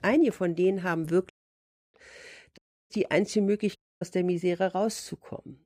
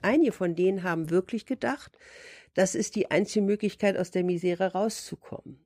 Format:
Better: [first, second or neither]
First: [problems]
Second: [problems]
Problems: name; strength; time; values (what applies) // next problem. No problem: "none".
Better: second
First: audio cutting out; at 1.5 s for 0.5 s, at 2.5 s and at 4 s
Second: none